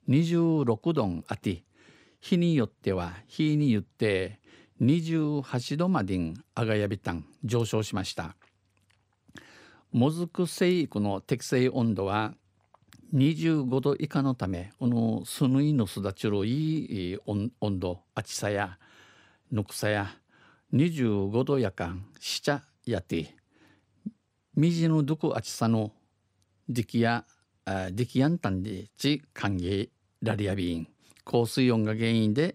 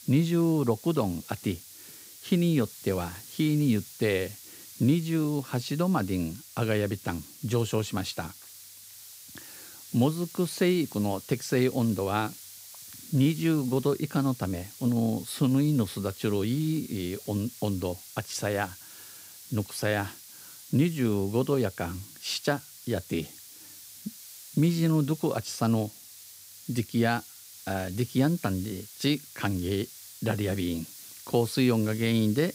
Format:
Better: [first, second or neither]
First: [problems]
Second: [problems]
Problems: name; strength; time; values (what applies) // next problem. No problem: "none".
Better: first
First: none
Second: hiss; noticeable; throughout; 15 dB below the speech